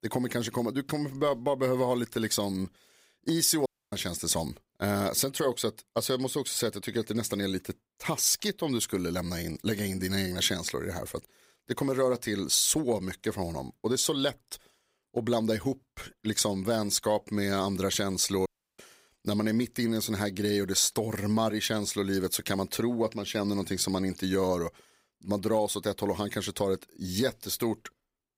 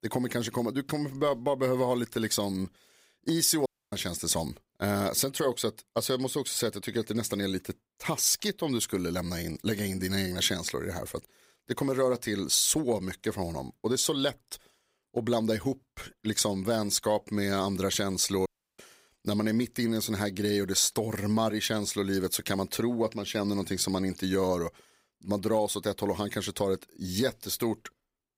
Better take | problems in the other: neither | audio cutting out; at 3.5 s and at 18 s; the same in both

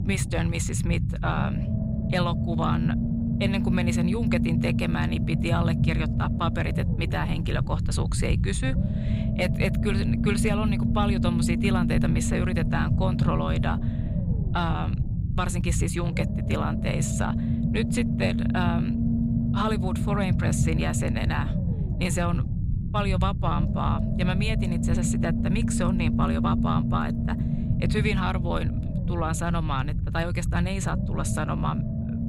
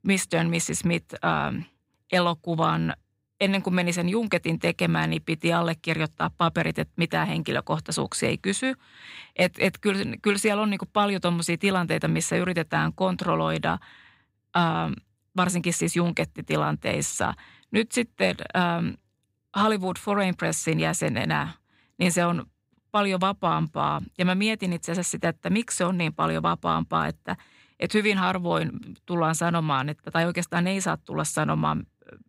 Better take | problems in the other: second | low rumble; loud; throughout; 5 dB below the speech

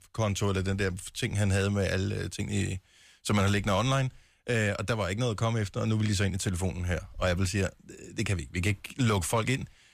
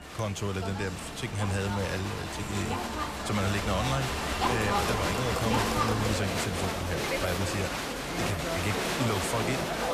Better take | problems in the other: first | crowd noise; very loud; throughout; 2 dB above the speech

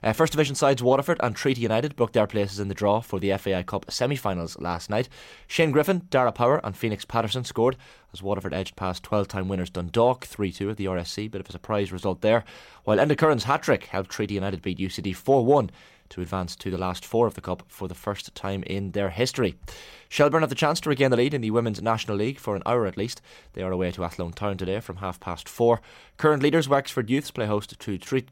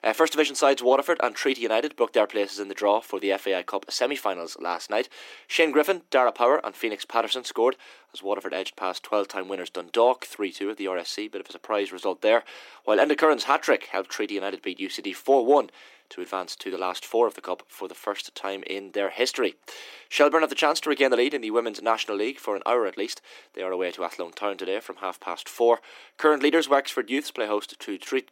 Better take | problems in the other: first | thin; somewhat; fading below 300 Hz

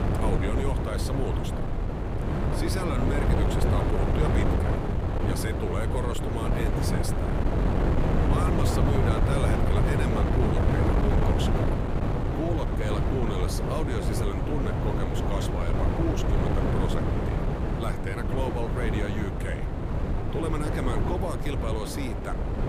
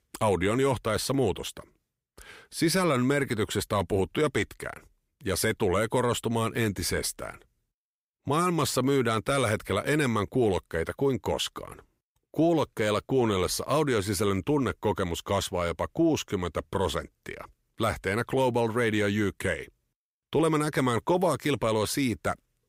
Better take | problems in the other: second | wind noise on the microphone; heavy; 2 dB above the speech

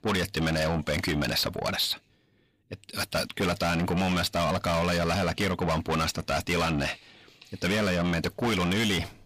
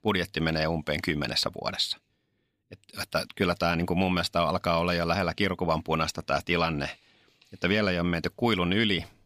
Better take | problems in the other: second | distortion; heavy; 6 dB below the speech

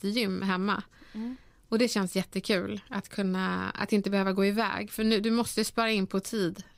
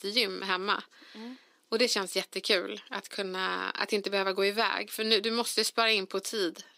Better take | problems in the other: first | thin; somewhat; fading below 300 Hz

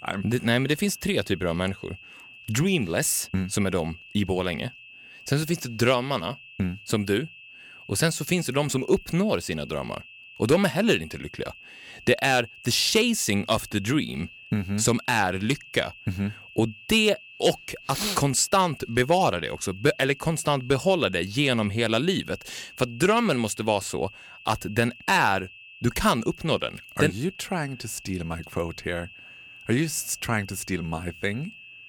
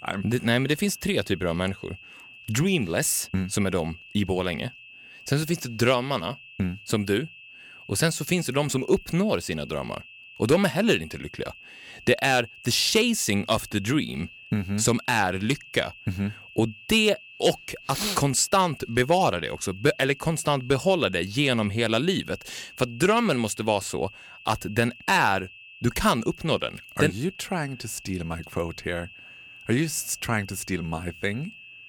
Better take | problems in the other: neither | high-pitched whine; noticeable; throughout; 2.5 kHz, 20 dB below the speech; the same in both

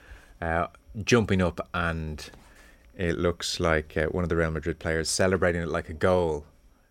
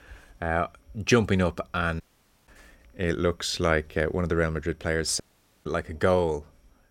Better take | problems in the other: first | audio cutting out; at 2 s and at 5 s

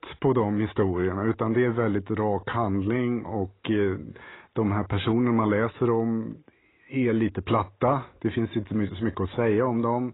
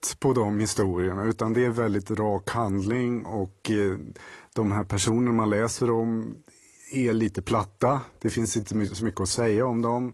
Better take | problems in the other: second | garbled, watery; badly; nothing above 4 kHz; slightly in the second

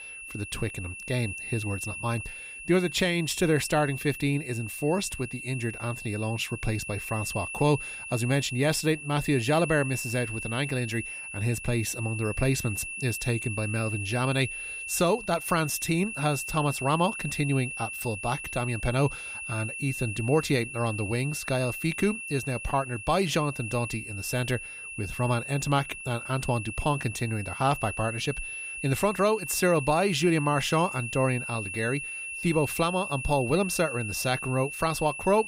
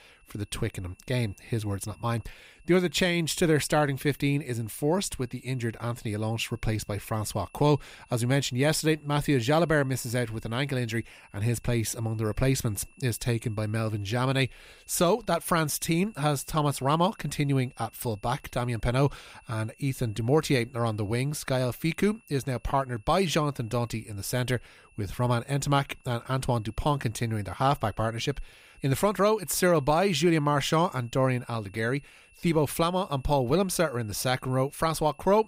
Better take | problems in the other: second | high-pitched whine; loud; throughout; 2.5 kHz, 7 dB below the speech; faint in the second

